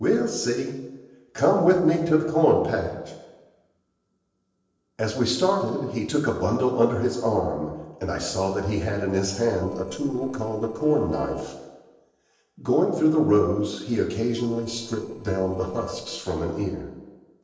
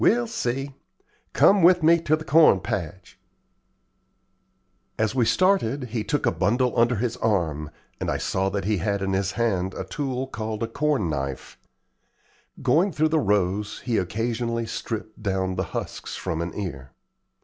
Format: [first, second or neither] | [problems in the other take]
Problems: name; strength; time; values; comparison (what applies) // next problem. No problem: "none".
second | noise reduction (neural separator model SepFormer DNS4)